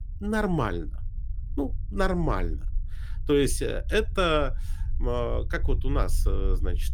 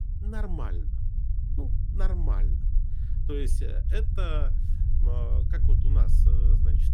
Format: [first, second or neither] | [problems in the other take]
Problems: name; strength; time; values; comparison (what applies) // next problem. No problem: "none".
first | low rumble; loud; throughout; 5 dB below the speech; faint in the first